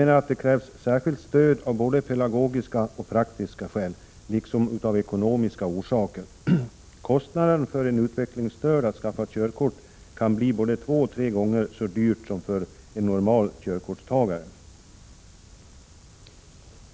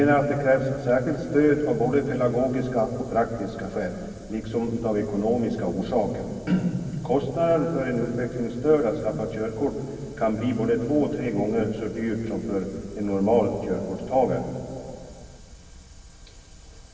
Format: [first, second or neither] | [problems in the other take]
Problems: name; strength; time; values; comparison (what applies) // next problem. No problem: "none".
first | room echo; dies away in 2.6 s